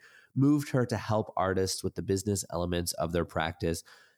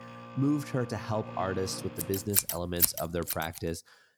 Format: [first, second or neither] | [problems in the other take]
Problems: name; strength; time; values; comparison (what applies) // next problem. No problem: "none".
first | household noises; very loud; until 3.5 s; 2 dB above the speech